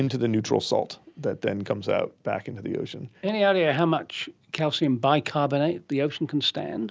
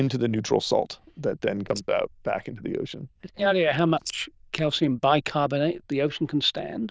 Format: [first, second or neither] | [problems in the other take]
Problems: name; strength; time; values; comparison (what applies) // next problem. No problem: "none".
first | noise reduction (neural diffusion model UNIVERSE++)